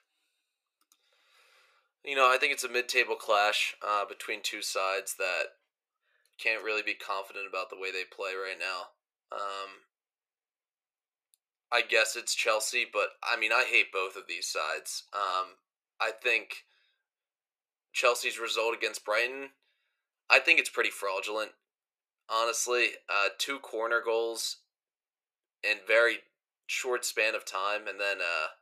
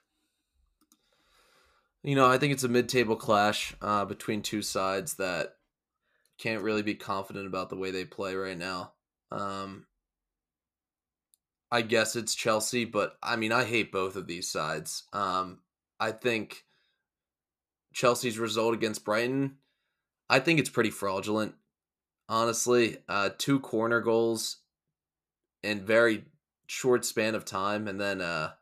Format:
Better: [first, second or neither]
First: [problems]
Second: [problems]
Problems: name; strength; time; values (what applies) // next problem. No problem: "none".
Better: second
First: thin; very; fading below 450 Hz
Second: none